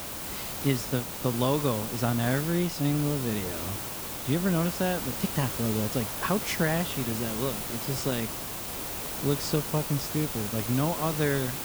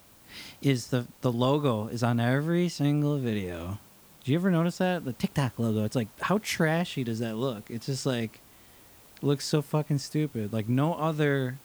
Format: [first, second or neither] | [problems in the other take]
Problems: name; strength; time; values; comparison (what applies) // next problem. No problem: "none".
second | hiss; loud; throughout; 3 dB below the speech; faint in the second